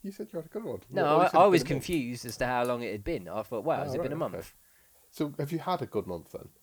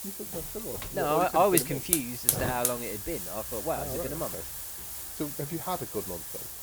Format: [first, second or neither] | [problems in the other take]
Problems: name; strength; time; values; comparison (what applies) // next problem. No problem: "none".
first | hiss; loud; throughout; 1 dB below the speech; faint in the first